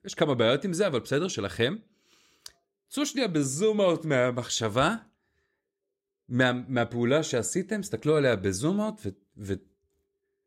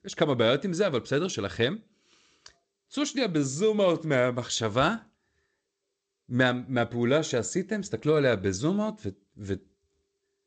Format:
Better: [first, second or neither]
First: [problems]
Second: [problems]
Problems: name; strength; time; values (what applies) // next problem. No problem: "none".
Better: first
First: none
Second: garbled, watery; slightly; nothing above 8 kHz